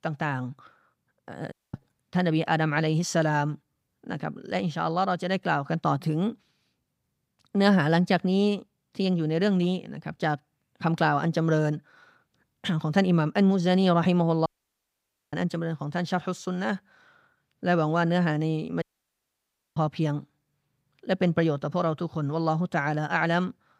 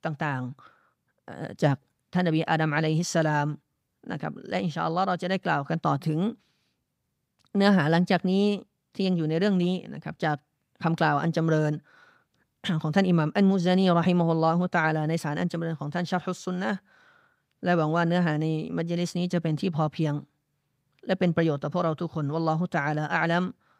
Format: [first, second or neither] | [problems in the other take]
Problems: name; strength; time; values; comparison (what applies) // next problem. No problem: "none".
second | audio cutting out; at 1.5 s, at 14 s for 1 s and at 19 s for 1 s